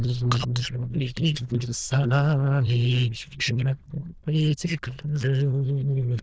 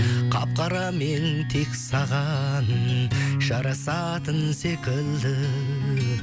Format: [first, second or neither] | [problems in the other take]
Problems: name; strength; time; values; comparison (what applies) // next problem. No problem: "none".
second | noise reduction (neural diffusion model UNIVERSE++)